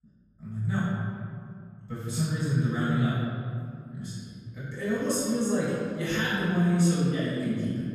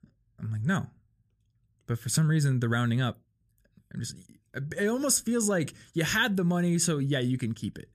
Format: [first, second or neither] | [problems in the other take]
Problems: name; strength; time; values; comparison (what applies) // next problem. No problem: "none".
second | off-mic speech; far // room echo; strong; dies away in 2.1 s